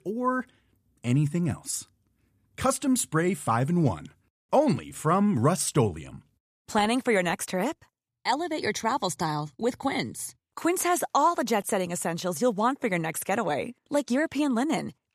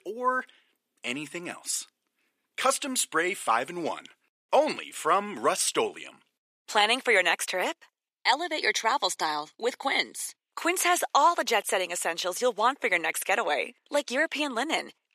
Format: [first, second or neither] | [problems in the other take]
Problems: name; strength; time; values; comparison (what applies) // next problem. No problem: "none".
first | thin; very; fading below 400 Hz